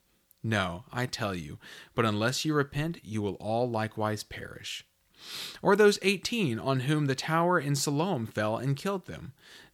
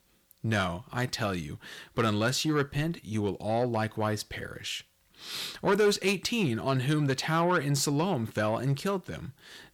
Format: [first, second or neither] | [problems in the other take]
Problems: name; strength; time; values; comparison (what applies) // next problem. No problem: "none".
first | distortion; slight; 10 dB below the speech